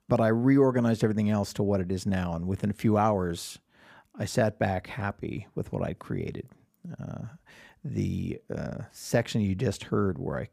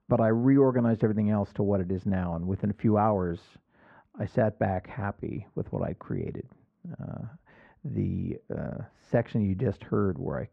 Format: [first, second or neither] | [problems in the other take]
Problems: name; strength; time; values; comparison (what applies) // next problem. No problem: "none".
first | muffled; very; fading above 1.5 kHz